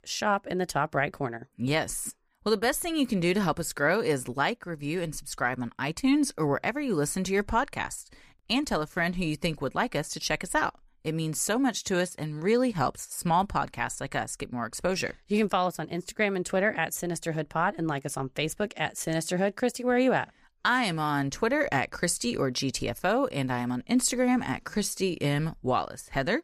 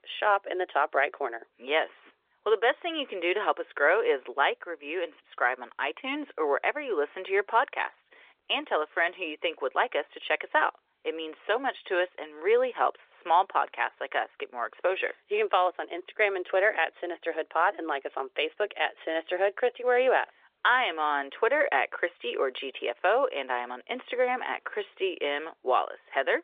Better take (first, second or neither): first